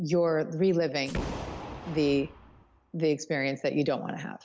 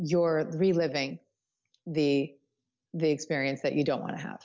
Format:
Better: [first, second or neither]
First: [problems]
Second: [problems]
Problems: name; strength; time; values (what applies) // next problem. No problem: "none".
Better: second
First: background sound (Boom); 11 dB below the speech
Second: none